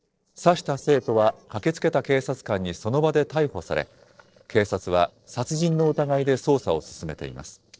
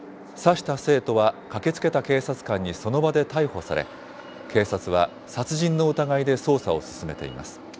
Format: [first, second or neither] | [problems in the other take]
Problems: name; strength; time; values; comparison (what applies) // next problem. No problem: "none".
second | noise reduction (neural separator model SepFormer DNS4)